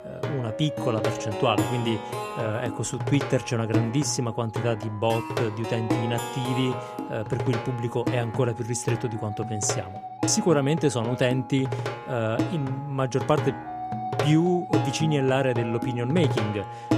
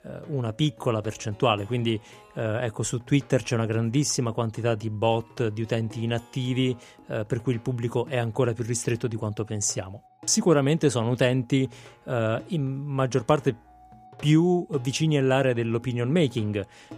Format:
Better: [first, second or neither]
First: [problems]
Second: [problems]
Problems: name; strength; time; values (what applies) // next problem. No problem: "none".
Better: second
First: background music; loud; throughout; 5 dB below the speech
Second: background music; faint; throughout; 25 dB below the speech